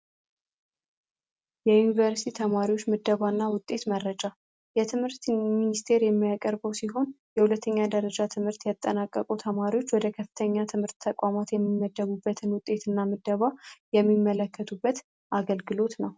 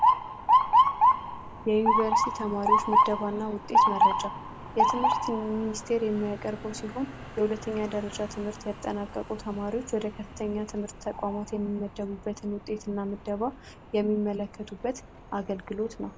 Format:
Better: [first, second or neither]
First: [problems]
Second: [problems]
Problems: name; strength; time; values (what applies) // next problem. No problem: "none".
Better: first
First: none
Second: background sound (Motor vehicle (road) / Siren); 3 dB above the speech